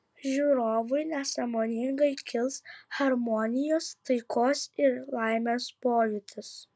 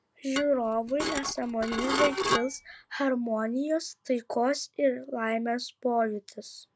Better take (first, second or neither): first